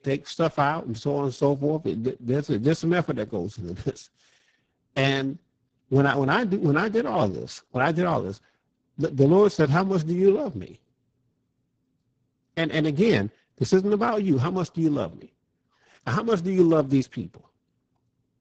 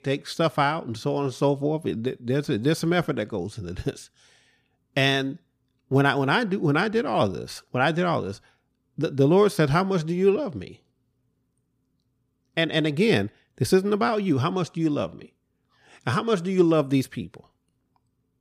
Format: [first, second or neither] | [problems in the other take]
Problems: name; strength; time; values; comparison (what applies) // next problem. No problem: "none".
second | garbled, watery; badly; nothing above 7.5 kHz